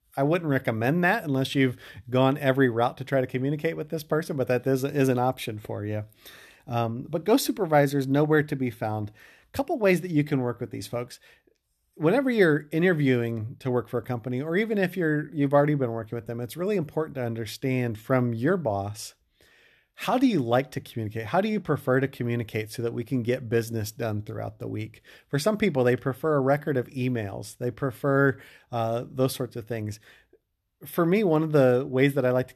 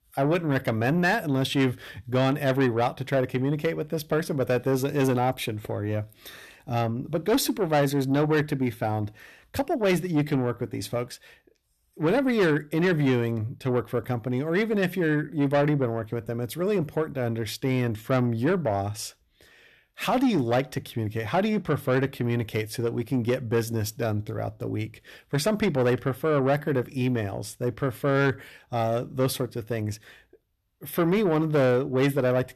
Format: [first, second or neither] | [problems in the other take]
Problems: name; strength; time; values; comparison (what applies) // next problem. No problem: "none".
first | distortion; slight; 10 dB below the speech